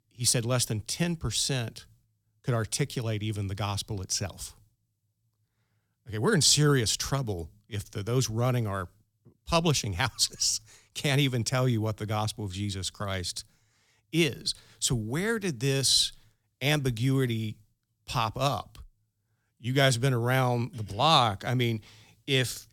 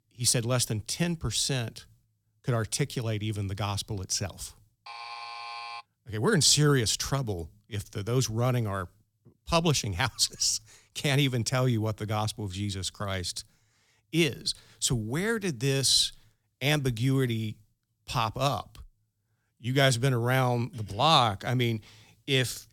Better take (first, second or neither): first